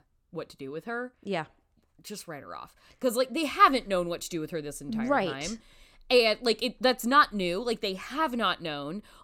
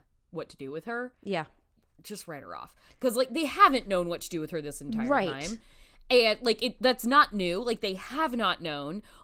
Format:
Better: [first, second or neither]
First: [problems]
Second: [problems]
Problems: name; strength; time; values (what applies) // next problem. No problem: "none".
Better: first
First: none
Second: garbled, watery; slightly; nothing above 17.5 kHz